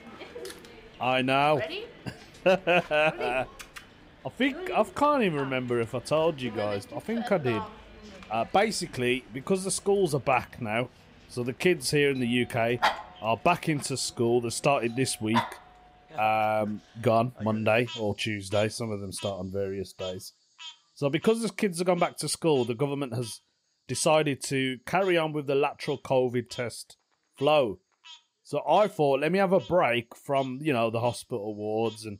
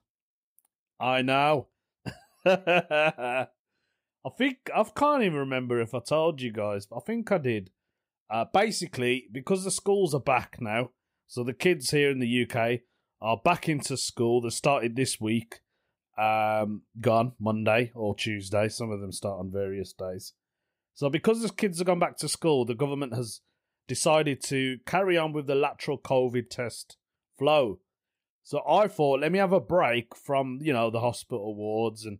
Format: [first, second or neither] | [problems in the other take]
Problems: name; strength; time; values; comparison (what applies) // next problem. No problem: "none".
second | animal sounds; noticeable; throughout; 15 dB below the speech